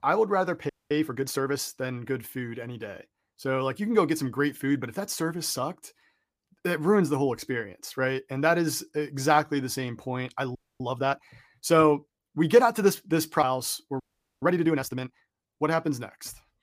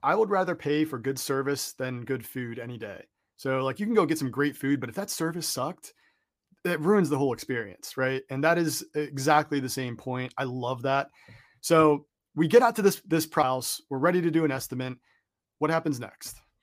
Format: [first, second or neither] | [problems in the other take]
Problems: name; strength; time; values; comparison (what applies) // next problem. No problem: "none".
second | audio freezing; at 0.5 s, at 11 s and at 14 s